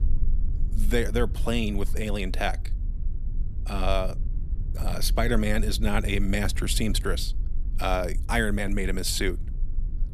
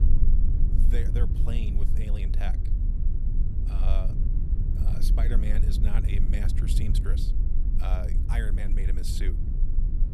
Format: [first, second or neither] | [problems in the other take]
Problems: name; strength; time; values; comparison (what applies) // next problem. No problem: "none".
first | low rumble; loud; throughout; 4 dB below the speech; faint in the first